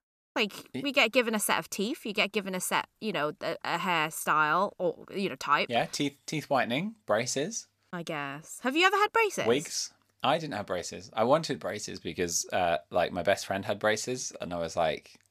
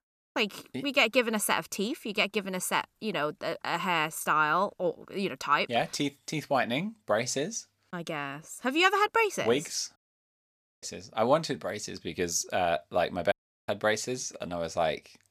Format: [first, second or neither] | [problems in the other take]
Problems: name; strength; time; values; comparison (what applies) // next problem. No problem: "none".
first | audio cutting out; at 10 s for 1 s and at 13 s